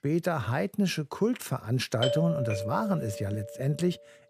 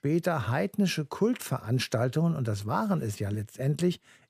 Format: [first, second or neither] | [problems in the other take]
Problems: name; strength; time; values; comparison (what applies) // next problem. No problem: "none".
second | doorbell; loud; from 2 to 3.5 s; peak level with the speech